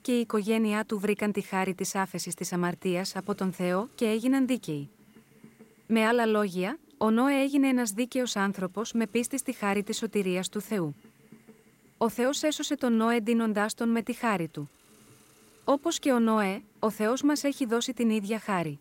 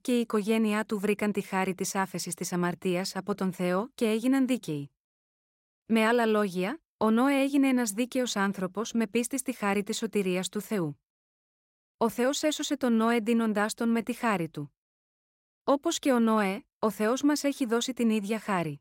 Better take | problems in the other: second | hiss; faint; throughout; 30 dB below the speech

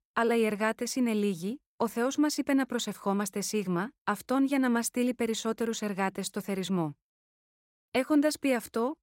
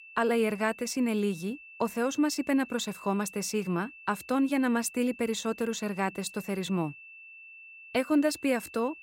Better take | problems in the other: first | high-pitched whine; noticeable; throughout; 2.5 kHz, 15 dB below the speech

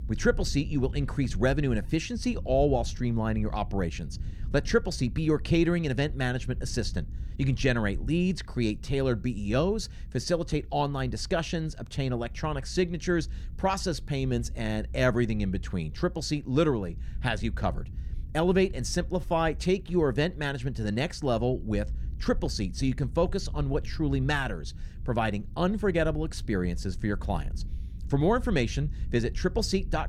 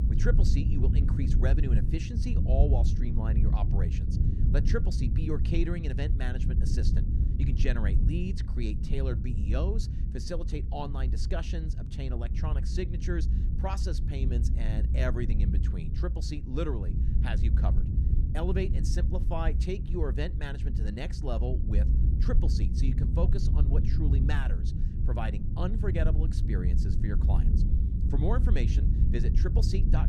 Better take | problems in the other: first | low rumble; loud; throughout; 5 dB below the speech; faint in the first

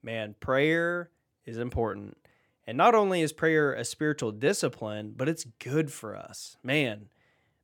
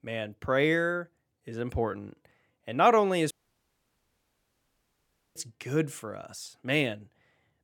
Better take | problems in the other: first | audio cutting out; at 3.5 s for 2 s

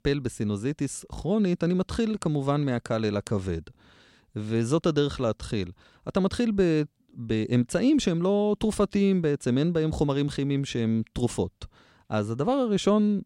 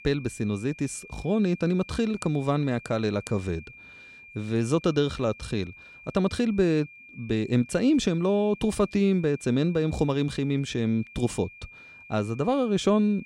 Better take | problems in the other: first | high-pitched whine; noticeable; throughout; 2.5 kHz, 20 dB below the speech

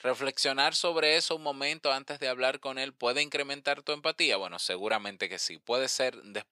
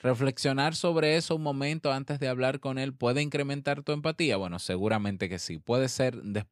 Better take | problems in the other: second | thin; somewhat; fading below 550 Hz

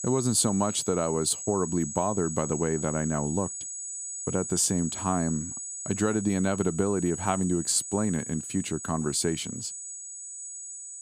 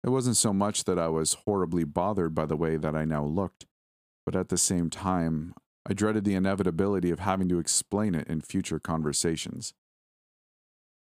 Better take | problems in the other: second | high-pitched whine; loud; throughout; 8 kHz, 7 dB below the speech

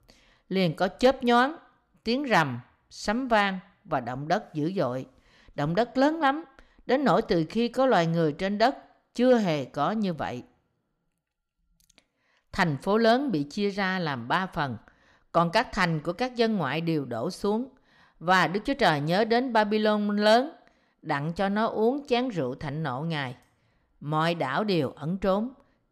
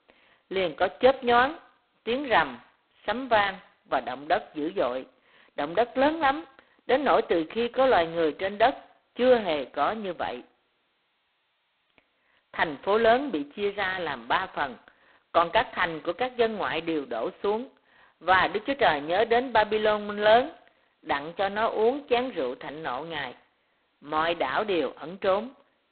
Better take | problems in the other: first | phone-call audio; poor line; nothing above 4 kHz

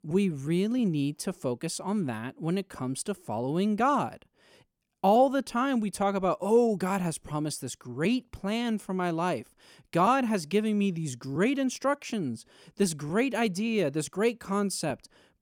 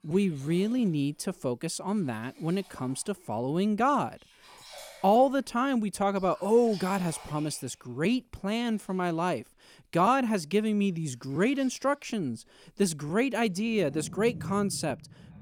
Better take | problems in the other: first | household noises; noticeable; throughout; 20 dB below the speech

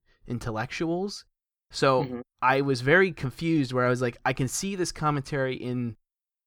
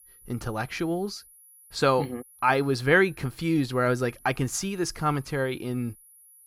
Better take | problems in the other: first | high-pitched whine; faint; throughout; 10.5 kHz, 25 dB below the speech

